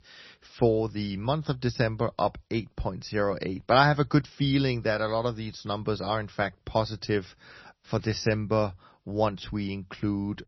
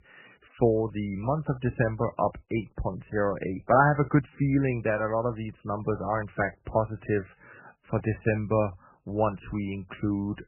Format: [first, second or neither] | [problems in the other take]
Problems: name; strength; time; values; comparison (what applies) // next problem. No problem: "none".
first | garbled, watery; badly; nothing above 2.5 kHz; slightly in the first